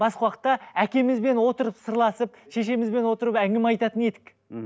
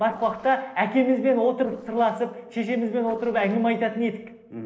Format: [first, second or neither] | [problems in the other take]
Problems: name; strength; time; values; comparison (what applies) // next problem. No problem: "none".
first | noise reduction (neural separator model SepFormer DNS4)